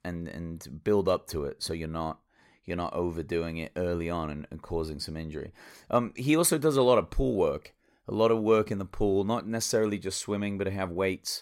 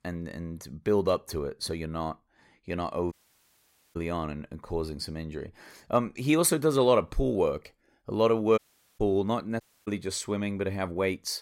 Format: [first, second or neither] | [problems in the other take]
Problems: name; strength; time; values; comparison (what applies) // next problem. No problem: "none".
first | audio cutting out; at 3 s for 1 s, at 8.5 s and at 9.5 s